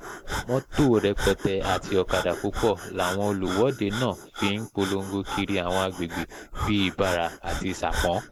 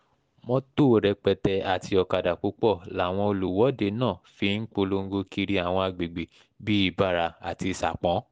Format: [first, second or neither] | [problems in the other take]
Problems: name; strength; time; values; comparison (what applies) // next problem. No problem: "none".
second | noise reduction (neural mask model Resemble Enhance denoiser)